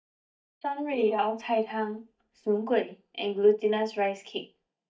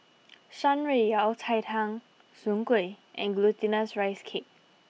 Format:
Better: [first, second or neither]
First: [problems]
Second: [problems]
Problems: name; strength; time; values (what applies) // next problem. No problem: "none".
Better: second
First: noise reduction (neural mask model DeepFilterNet 3)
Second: none